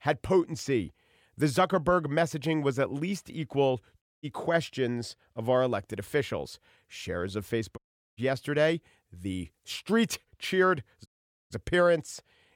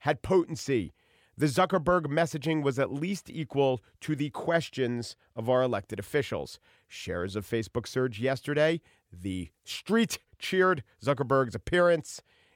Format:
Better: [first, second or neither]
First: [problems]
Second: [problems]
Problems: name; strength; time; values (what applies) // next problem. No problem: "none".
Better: second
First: audio cutting out; at 4 s, at 8 s and at 11 s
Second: none